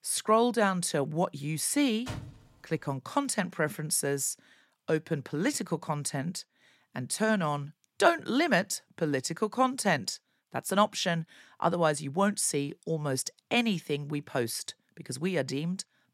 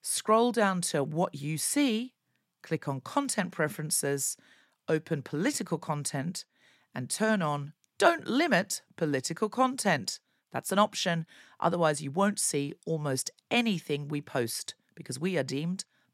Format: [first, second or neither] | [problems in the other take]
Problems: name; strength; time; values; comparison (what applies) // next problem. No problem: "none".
second | door banging; faint; at 2 s; peak 10 dB below the speech